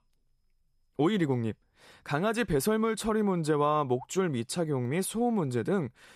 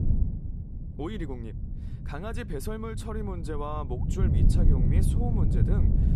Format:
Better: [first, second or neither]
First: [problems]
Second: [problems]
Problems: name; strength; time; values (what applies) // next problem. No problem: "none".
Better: first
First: none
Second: wind noise on the microphone; heavy; 3 dB below the speech